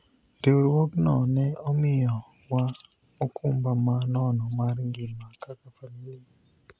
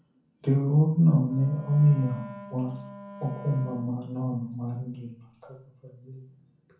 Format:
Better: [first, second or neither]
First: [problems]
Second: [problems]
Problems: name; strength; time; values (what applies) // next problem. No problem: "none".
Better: first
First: none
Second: background sound (Wind instrument, woodwind instrument); 17 dB below the speech // room echo; dies away in 0.6 s